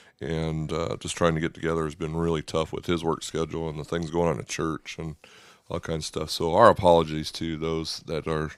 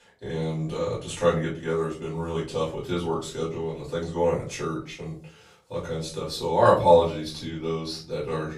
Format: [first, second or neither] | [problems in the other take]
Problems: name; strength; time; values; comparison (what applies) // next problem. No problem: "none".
first | off-mic speech; far // room echo; slight; dies away in 0.3 s